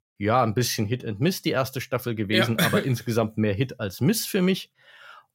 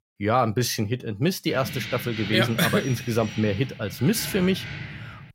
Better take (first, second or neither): first